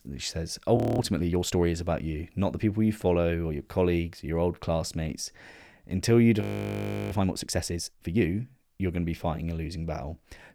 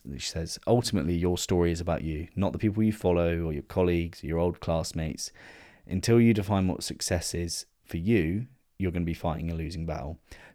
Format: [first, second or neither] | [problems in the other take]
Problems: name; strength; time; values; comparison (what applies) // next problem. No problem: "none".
second | audio freezing; at 1 s and at 6.5 s for 0.5 s